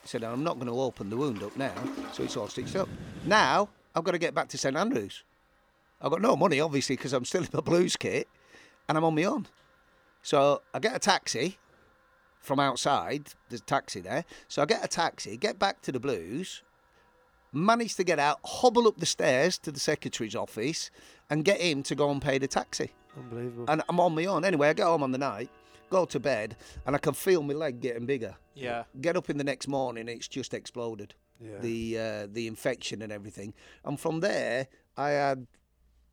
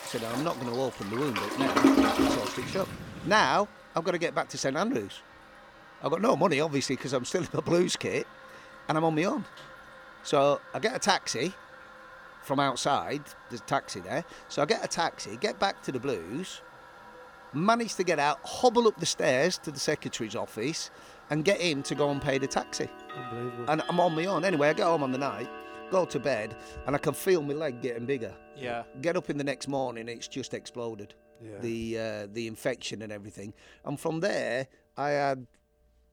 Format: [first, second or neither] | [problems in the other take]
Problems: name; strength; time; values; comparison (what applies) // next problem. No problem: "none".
first | household noises; loud; throughout; 6 dB below the speech; faint in the first